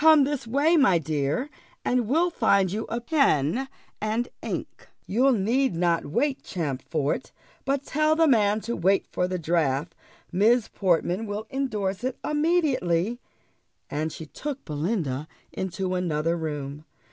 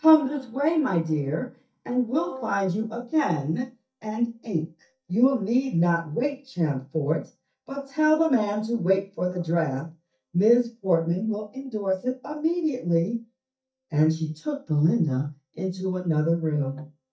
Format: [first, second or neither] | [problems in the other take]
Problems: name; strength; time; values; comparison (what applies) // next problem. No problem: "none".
first | noise reduction (neural mask model DeepFilterNet 3)